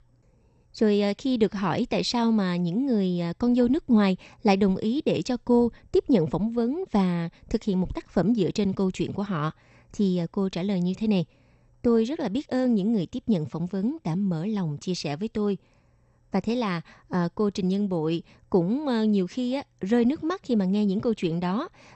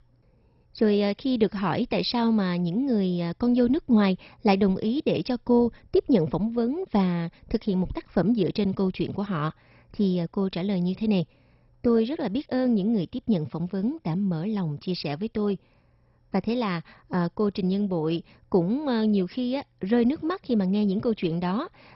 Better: first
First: garbled, watery; slightly; nothing above 8 kHz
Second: garbled, watery; badly; nothing above 5.5 kHz

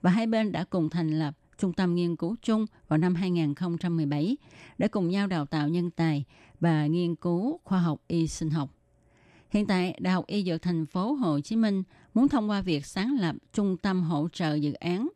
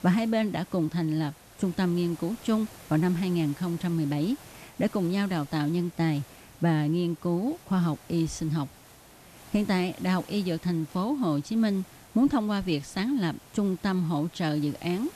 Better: first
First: none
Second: hiss; faint; throughout; 20 dB below the speech

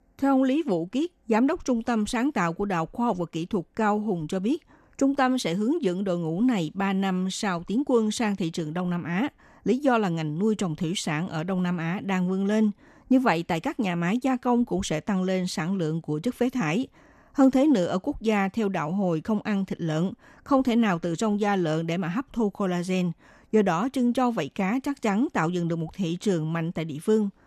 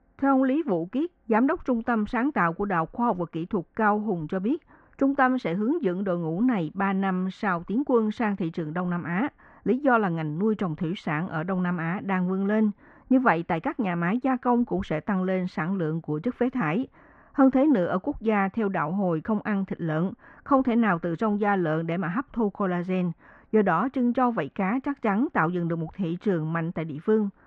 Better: first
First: none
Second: muffled; very; fading above 1.5 kHz

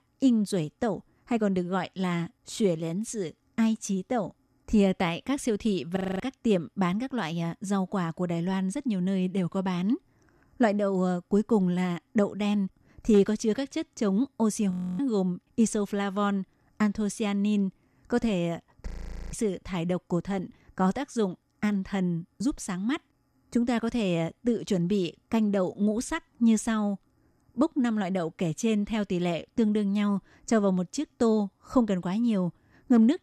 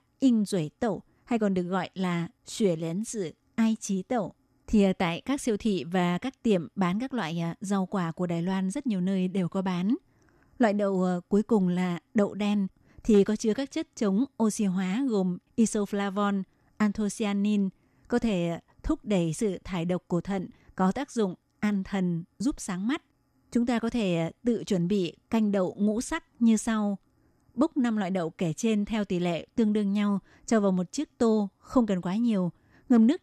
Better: second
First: audio freezing; at 6 s, at 15 s and at 19 s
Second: none

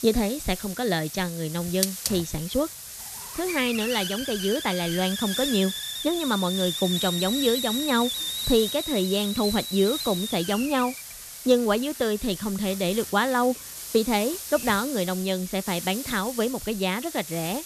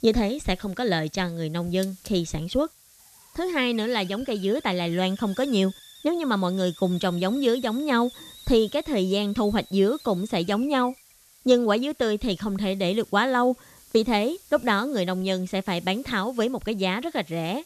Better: second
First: hiss; loud; throughout; 5 dB below the speech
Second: hiss; faint; throughout; 20 dB below the speech

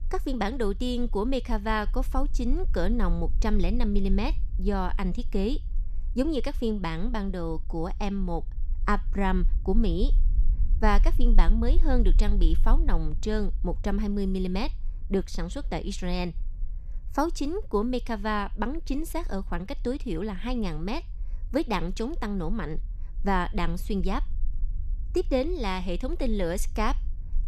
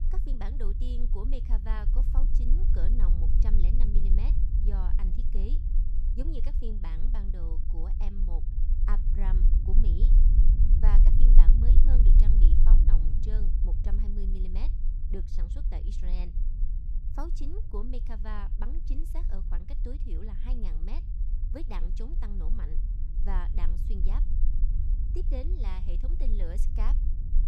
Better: first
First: low rumble; faint; throughout; 25 dB below the speech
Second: low rumble; loud; throughout; 4 dB below the speech

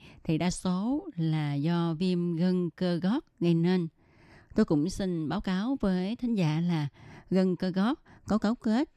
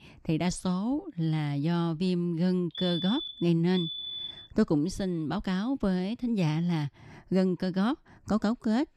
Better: first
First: none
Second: alarm; noticeable; from 2.5 to 4.5 s; peak 4 dB below the speech

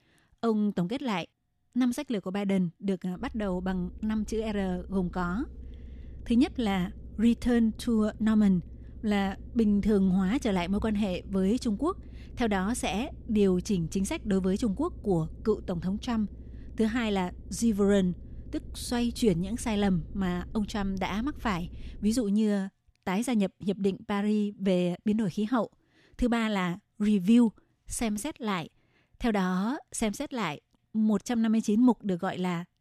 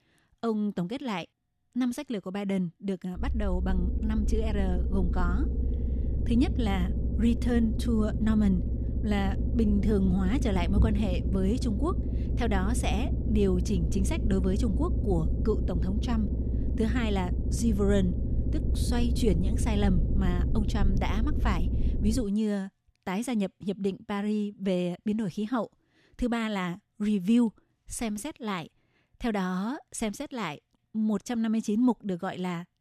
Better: first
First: low rumble; faint; from 3 to 22 s; 25 dB below the speech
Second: low rumble; loud; from 3 to 22 s; 8 dB below the speech

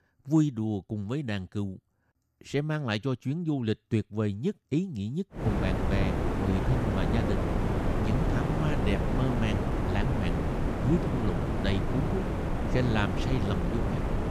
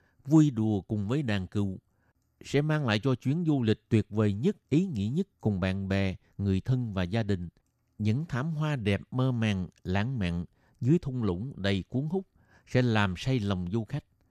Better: second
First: wind noise on the microphone; heavy; from 5.5 s on; 1 dB above the speech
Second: none

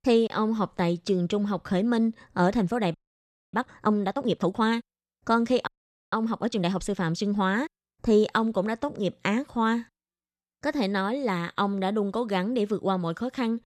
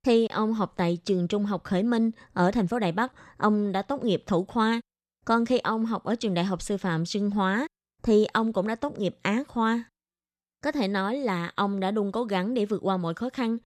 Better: second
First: audio freezing; at 3 s for 0.5 s and at 5.5 s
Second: none

